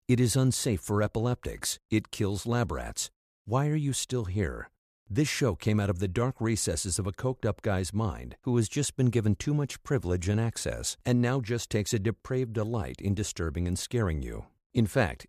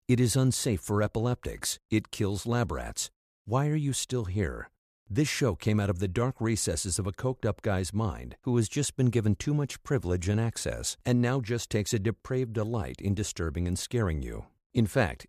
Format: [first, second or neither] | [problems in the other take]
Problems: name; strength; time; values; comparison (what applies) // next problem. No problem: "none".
neither | none